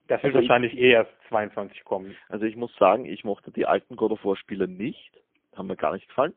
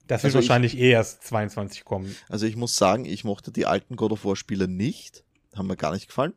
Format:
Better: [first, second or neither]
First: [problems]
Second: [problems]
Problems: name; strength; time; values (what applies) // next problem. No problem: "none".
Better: second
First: phone-call audio; poor line; nothing above 3 kHz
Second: none